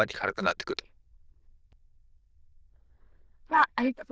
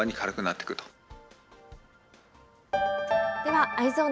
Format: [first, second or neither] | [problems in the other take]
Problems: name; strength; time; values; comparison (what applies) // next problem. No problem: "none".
second | noise reduction (neural diffusion model UNIVERSE++)